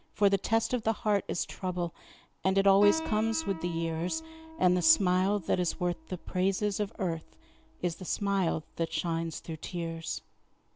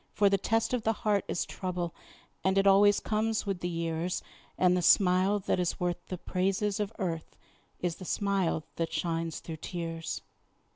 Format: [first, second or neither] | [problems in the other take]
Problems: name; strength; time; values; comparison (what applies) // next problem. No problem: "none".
second | background sound (Piano); 16 dB below the speech